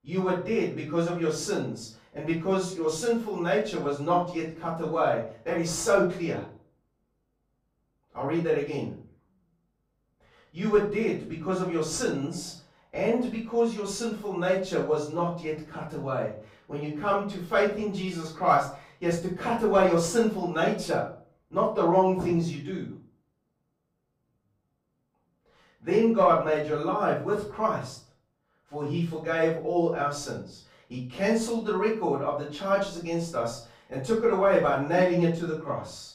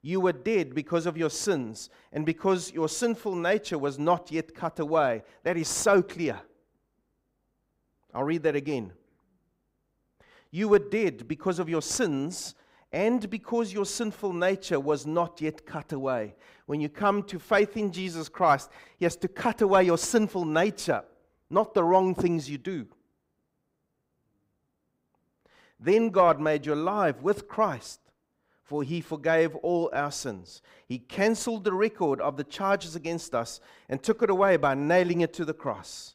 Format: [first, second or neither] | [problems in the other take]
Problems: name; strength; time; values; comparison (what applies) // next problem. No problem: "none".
second | off-mic speech; far // room echo; noticeable; dies away in 0.4 s